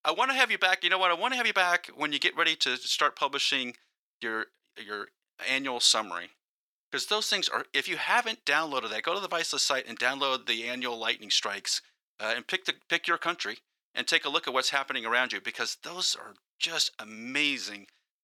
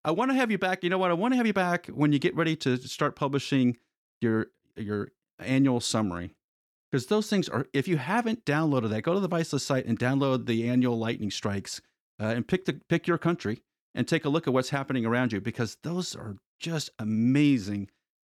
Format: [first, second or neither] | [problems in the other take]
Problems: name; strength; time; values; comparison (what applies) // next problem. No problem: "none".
second | thin; very; fading below 800 Hz